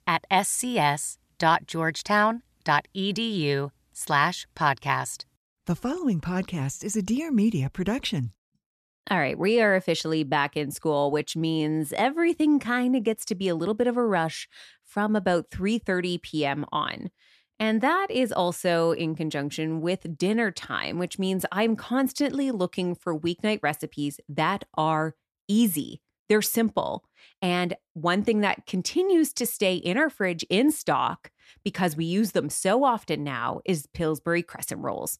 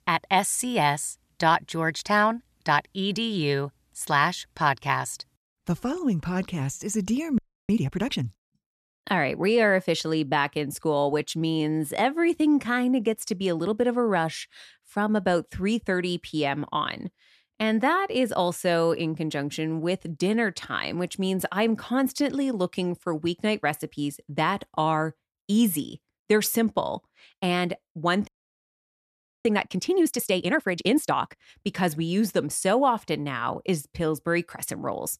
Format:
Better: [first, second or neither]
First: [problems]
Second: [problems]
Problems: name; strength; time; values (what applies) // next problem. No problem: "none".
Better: first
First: none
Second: audio freezing; at 7.5 s and at 28 s for 1 s